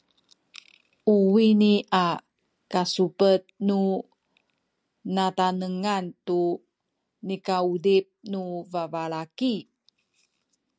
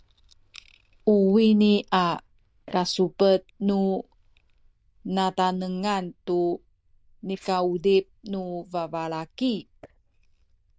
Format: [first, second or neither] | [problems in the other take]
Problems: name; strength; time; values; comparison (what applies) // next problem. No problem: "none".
first | noise reduction (neural diffusion model UNIVERSE++)